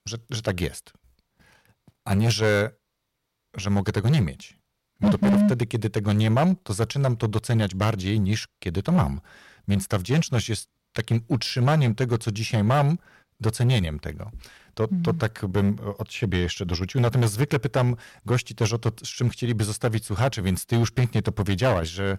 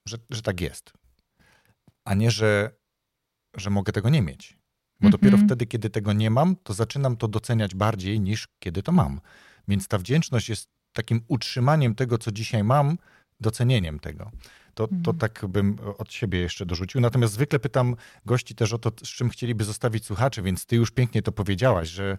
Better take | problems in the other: second | distortion; slight; 7% of the sound clipped

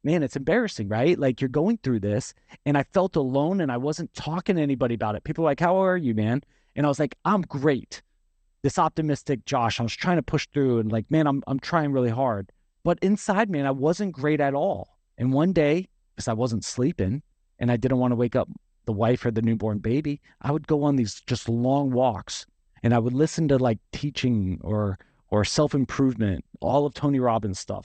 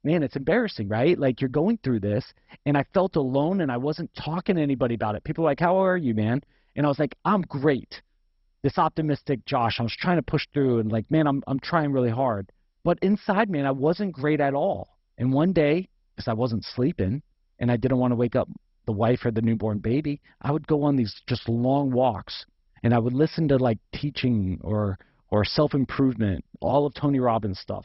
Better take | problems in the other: first | garbled, watery; badly; nothing above 5.5 kHz; slightly in the first

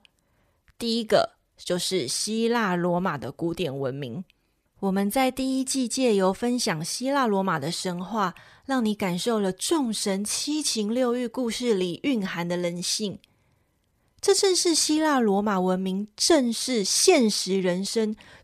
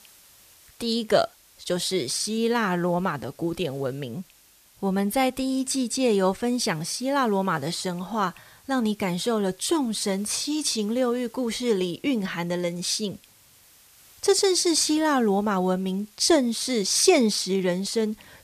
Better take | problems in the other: first | hiss; faint; throughout; 30 dB below the speech

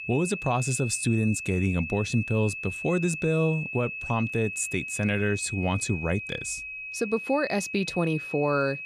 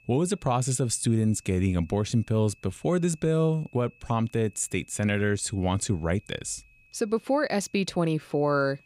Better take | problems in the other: second | high-pitched whine; loud; throughout; 2.5 kHz, 7 dB below the speech; faint in the second

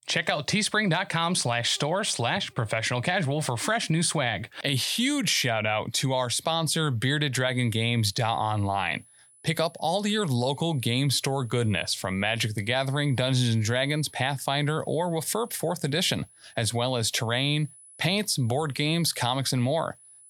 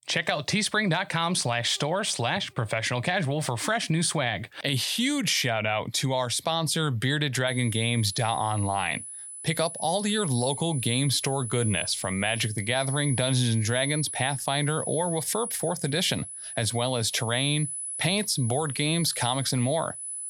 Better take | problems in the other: first | high-pitched whine; loud; from 7.5 s on; 10 kHz, 7 dB below the speech; faint in the first

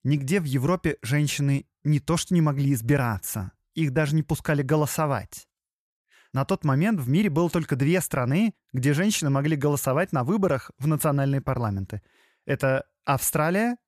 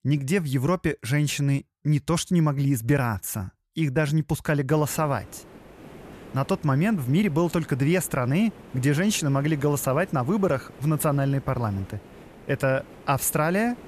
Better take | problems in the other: first | hiss; faint; from 4.5 s on; 20 dB below the speech

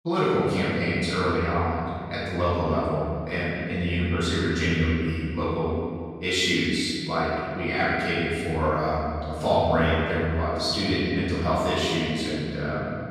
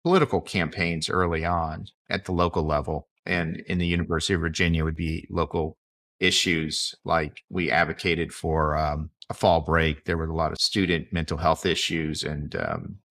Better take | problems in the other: second | room echo; strong; dies away in 2.1 s // off-mic speech; far

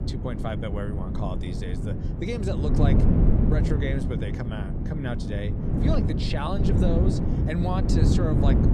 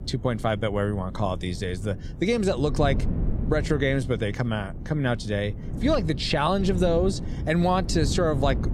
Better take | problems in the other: second | wind noise on the microphone; heavy; as loud as the speech; occasional gusts in the second

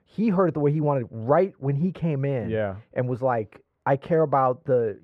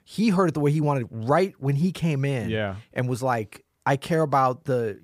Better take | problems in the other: second | muffled; very; fading above 3.5 kHz

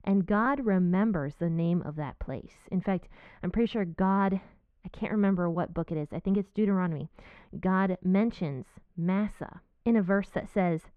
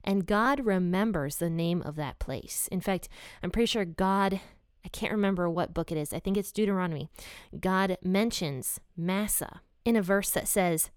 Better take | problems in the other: second | muffled; very; fading above 1.5 kHz

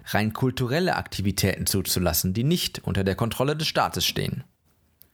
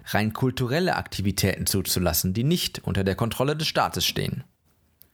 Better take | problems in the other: neither | none

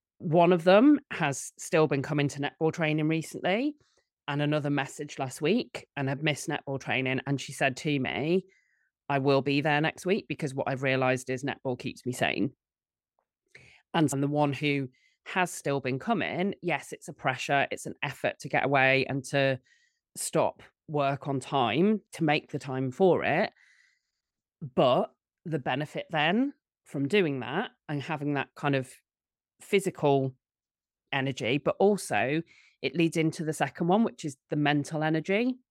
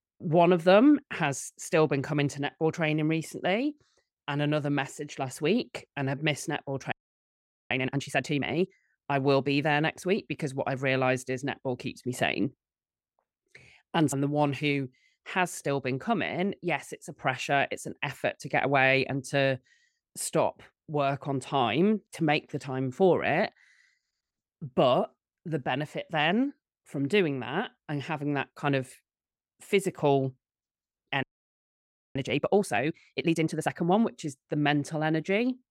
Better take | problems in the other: first | audio freezing; at 7 s for 1 s and at 31 s for 1 s

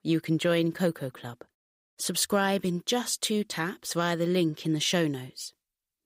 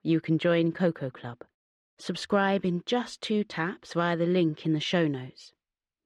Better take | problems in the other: first | muffled; slightly; fading above 3 kHz

